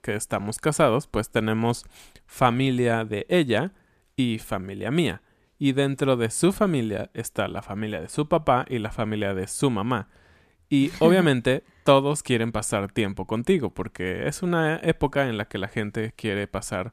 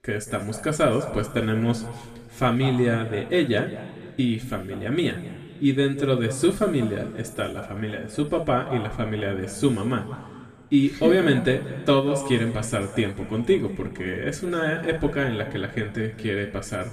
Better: first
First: none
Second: room echo; noticeable; dies away in 1.6 s // off-mic speech; far

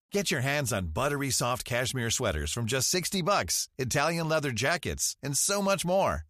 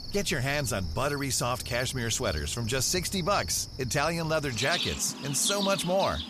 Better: first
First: none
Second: animal sounds; loud; throughout; 8 dB below the speech

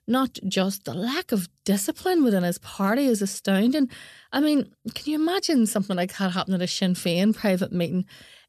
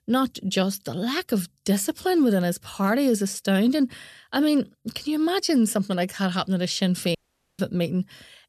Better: first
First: none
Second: audio cutting out; at 7 s

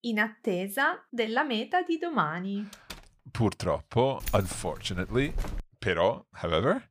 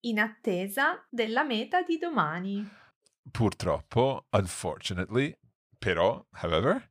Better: second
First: door banging; faint; at 2.5 s; peak 15 dB below the speech // jangling keys; noticeable; from 4 to 5.5 s; peak 9 dB below the speech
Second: none

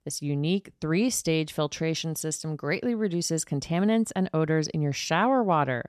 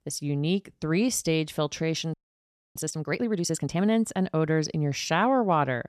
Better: first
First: none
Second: audio freezing; at 2 s for 0.5 s

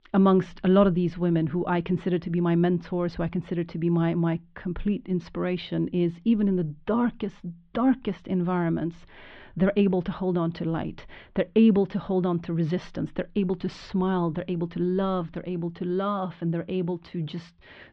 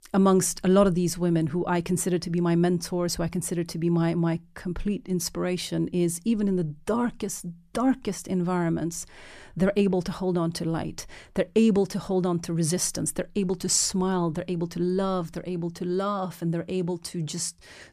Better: second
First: muffled; very; fading above 3.5 kHz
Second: none

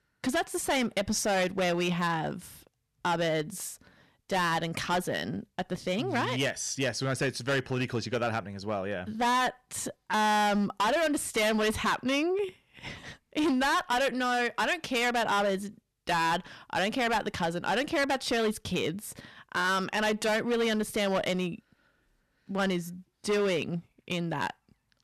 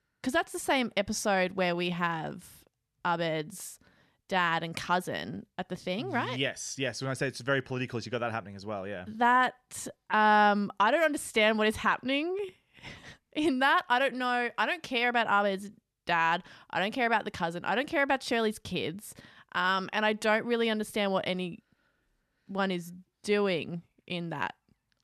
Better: second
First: distortion; heavy; 12% of the sound clipped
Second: none

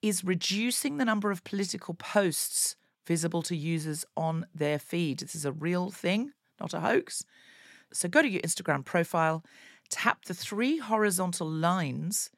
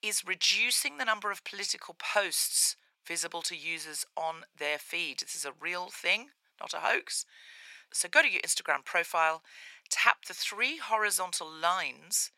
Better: first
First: none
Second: thin; very; fading below 900 Hz

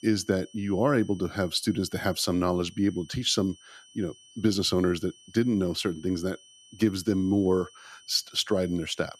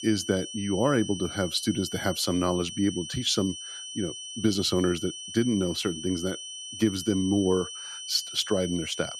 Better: first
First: high-pitched whine; faint; throughout; 3 kHz, 25 dB below the speech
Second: high-pitched whine; loud; throughout; 3 kHz, 9 dB below the speech

